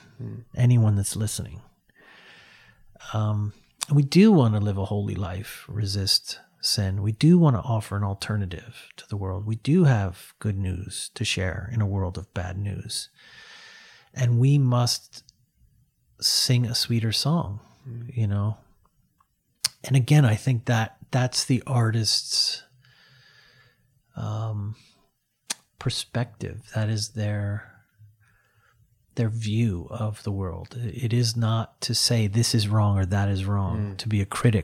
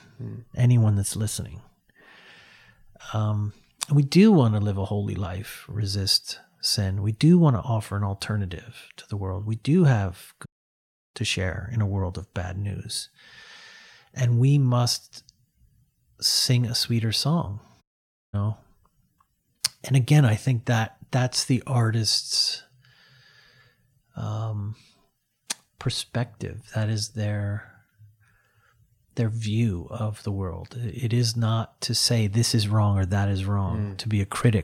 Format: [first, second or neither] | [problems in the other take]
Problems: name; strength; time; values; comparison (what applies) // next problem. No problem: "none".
first | audio cutting out; at 10 s for 0.5 s and at 18 s for 0.5 s